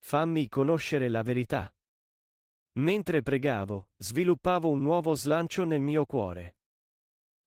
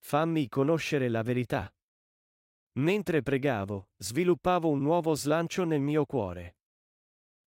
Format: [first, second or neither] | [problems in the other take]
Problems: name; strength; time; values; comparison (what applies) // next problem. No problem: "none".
second | garbled, watery; slightly; nothing above 16 kHz